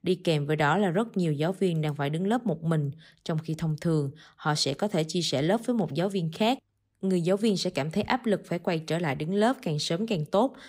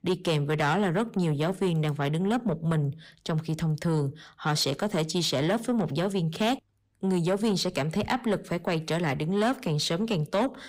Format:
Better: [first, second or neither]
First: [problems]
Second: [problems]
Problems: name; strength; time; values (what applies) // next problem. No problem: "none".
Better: first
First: none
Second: distortion; slight; 10 dB below the speech